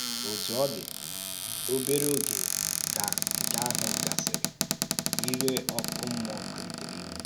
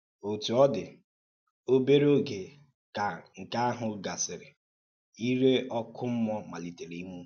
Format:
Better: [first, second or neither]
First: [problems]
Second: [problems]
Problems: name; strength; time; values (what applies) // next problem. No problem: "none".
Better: second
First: background sound (Cupboard open or close); 4 dB above the speech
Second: none